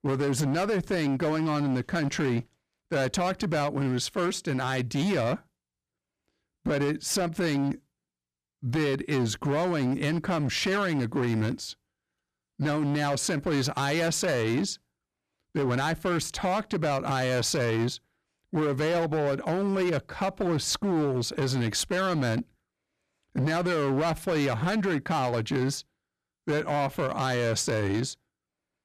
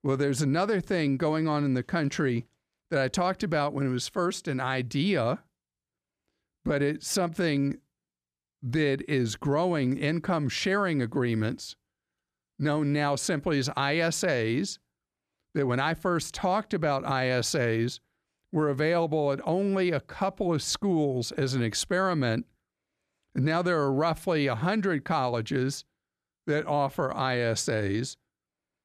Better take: second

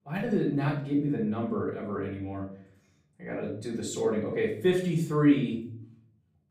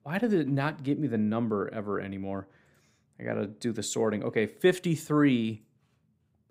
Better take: second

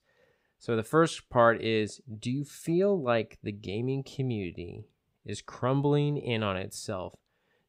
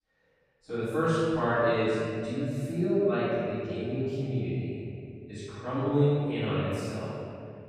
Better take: first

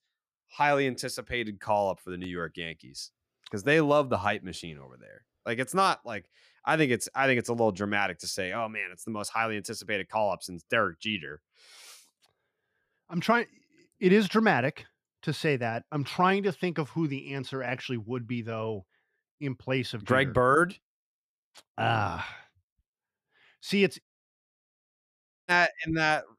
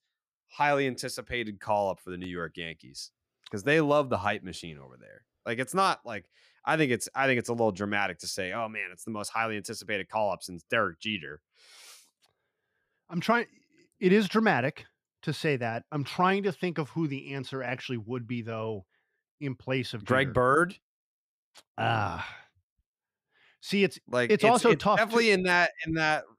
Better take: second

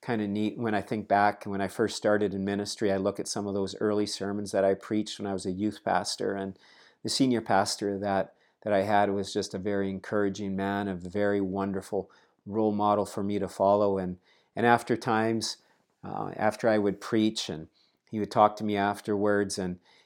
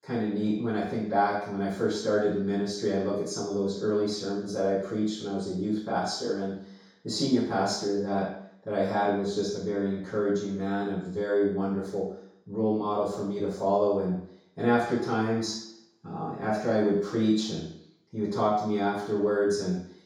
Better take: first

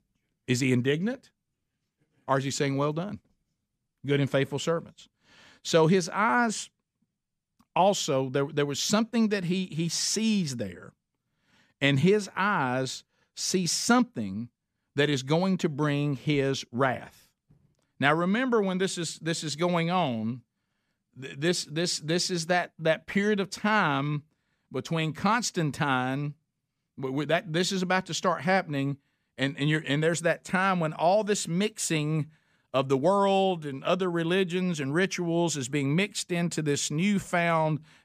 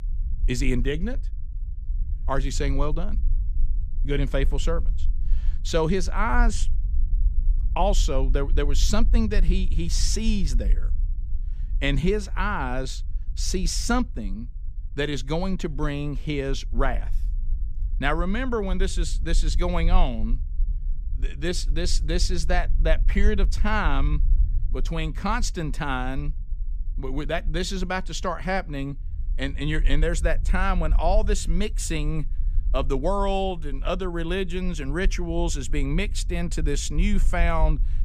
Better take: first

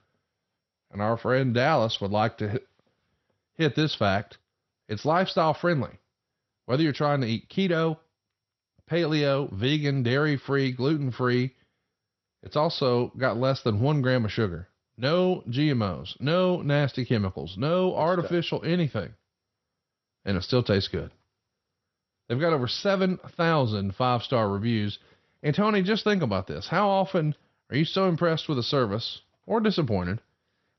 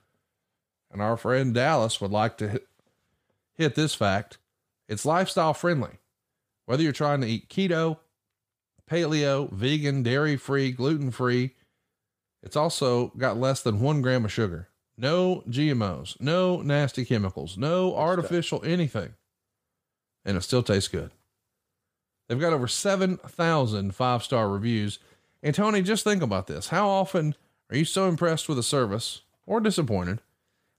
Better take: second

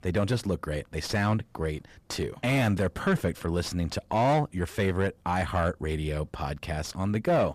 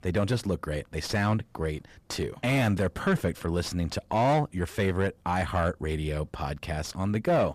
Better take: neither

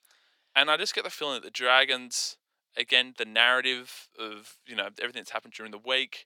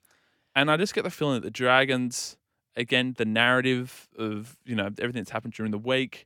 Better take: second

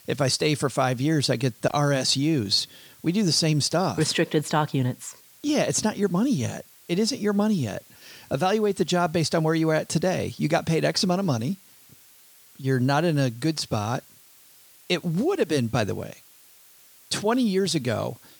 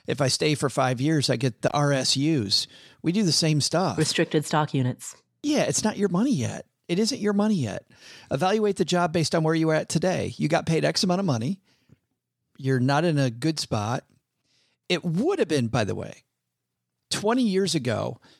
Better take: second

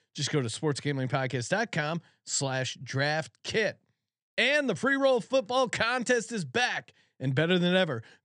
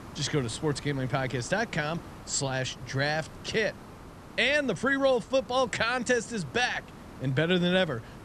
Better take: first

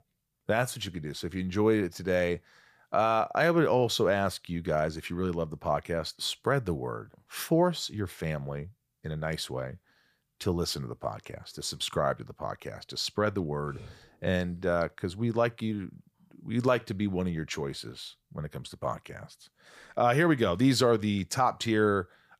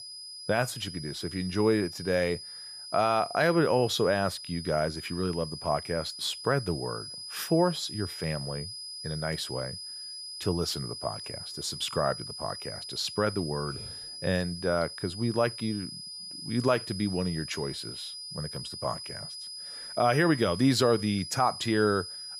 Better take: first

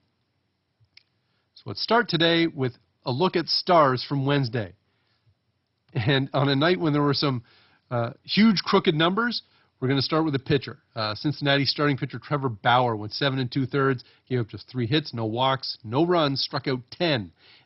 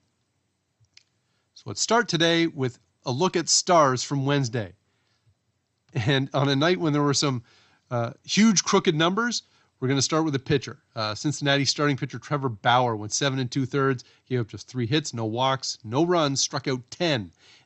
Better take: second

